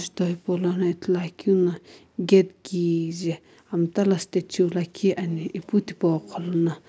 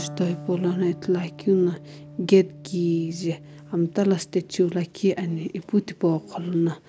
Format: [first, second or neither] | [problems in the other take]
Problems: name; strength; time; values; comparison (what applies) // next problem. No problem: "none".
first | background sound (Electric guitar); 19 dB below the speech